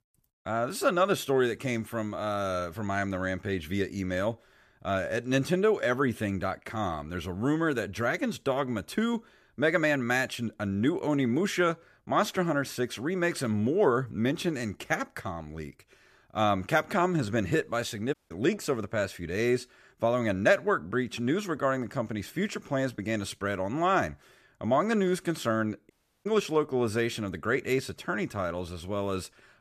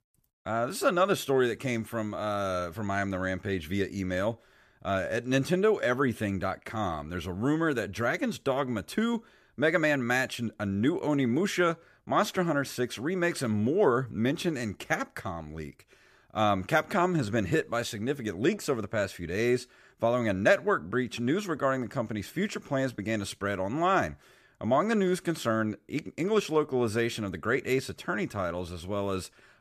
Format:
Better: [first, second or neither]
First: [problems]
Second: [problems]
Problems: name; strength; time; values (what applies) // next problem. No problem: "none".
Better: second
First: audio cutting out; at 18 s and at 26 s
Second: none